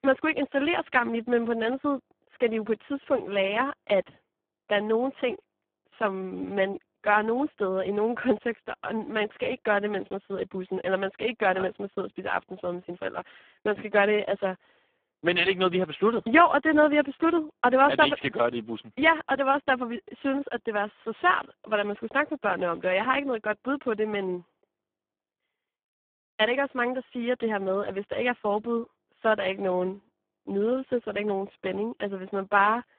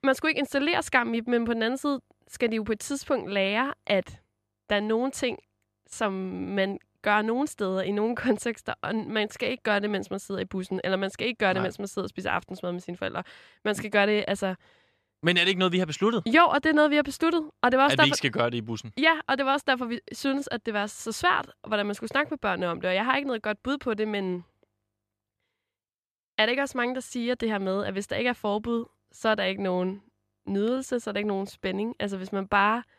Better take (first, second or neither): second